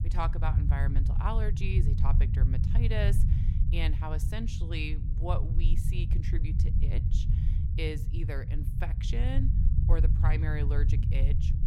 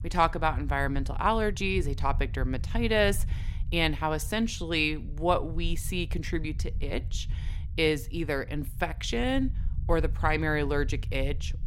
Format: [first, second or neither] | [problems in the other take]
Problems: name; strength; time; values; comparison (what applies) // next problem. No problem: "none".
second | low rumble; loud; throughout; 5 dB below the speech; faint in the second